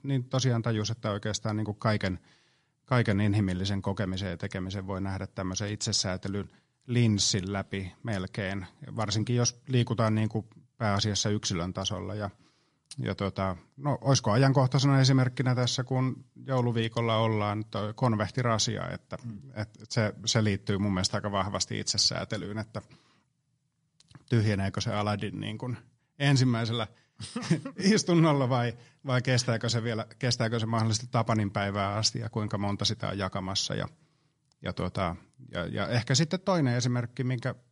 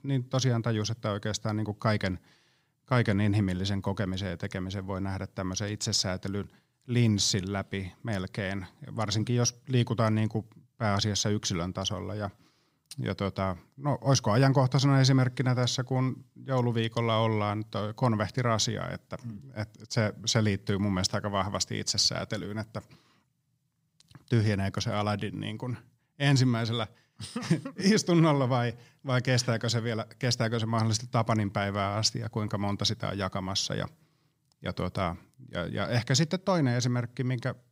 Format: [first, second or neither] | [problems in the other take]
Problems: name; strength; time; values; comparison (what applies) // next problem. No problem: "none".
second | garbled, watery; slightly; nothing above 10.5 kHz